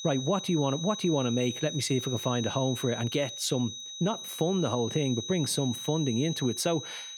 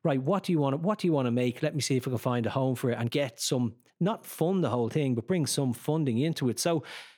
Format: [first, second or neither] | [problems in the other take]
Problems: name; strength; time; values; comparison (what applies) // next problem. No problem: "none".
second | high-pitched whine; loud; throughout; 4 kHz, 7 dB below the speech